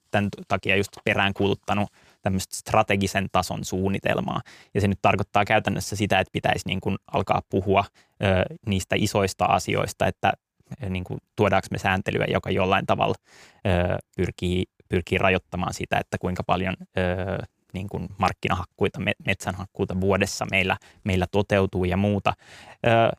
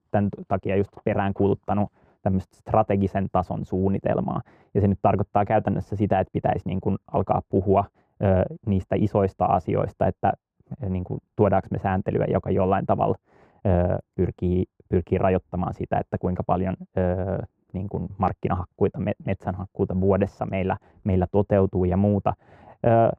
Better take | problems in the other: first | muffled; very; fading above 2 kHz

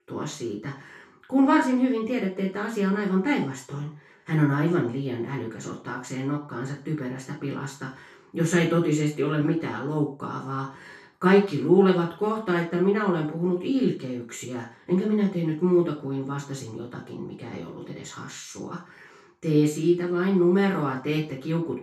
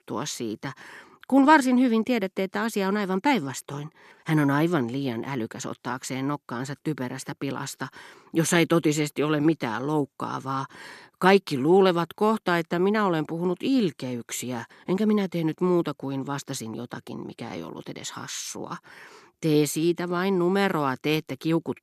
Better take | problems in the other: second | room echo; noticeable; dies away in 0.3 s // off-mic speech; far

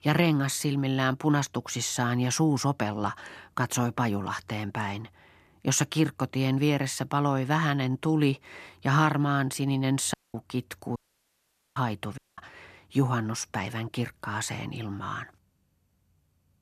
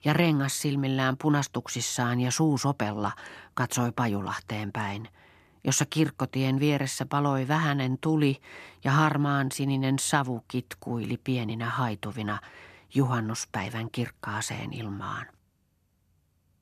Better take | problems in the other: second | audio cutting out; at 10 s, at 11 s for 1 s and at 12 s

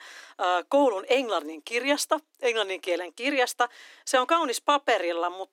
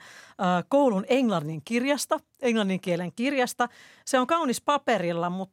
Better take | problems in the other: second | thin; somewhat; fading below 300 Hz

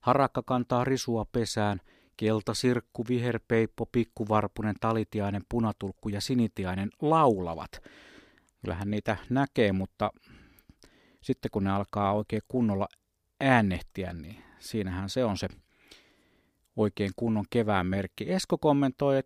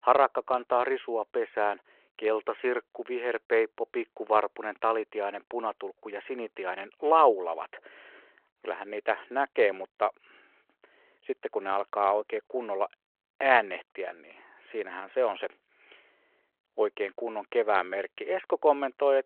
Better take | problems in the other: first | phone-call audio

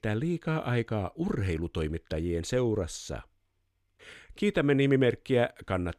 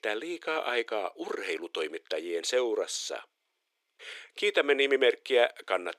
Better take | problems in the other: first | thin; very; fading below 400 Hz

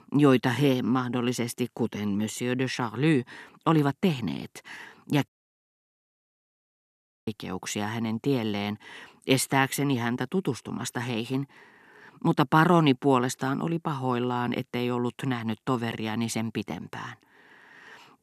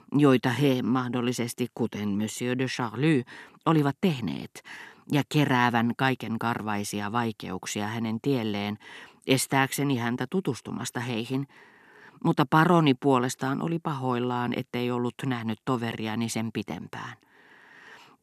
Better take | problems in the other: second | audio cutting out; at 5.5 s for 2 s

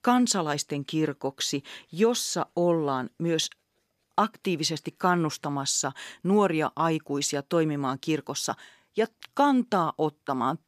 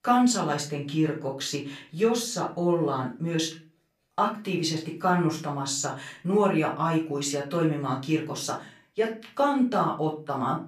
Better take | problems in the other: first | off-mic speech; far // room echo; slight; dies away in 0.3 s

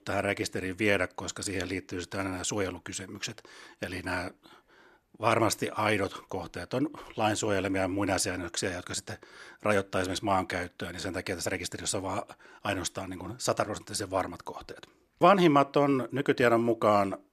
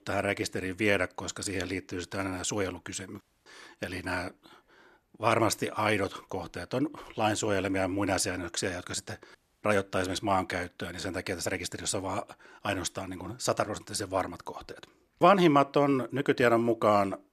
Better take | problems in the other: first | audio cutting out; at 3 s and at 9.5 s

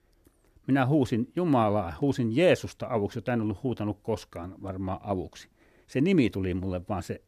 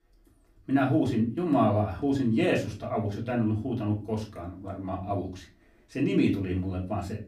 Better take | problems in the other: first | off-mic speech; far // room echo; very slight; dies away in 0.3 s

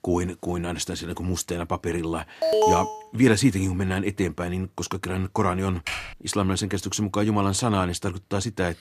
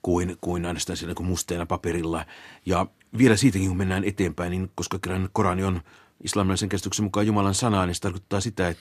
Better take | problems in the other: second | alarm; loud; at 2.5 s; peak 5 dB above the speech // keyboard typing; noticeable; at 6 s; peak 5 dB below the speech

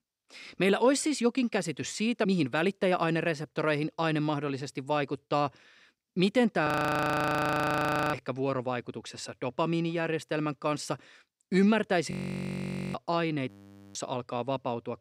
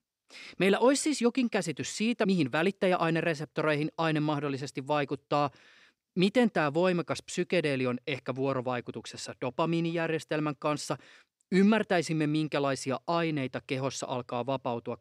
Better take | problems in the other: second | audio freezing; at 6.5 s for 1.5 s, at 12 s for 1 s and at 13 s

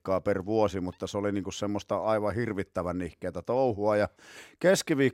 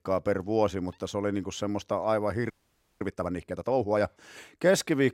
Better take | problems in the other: first | audio freezing; at 2.5 s for 0.5 s

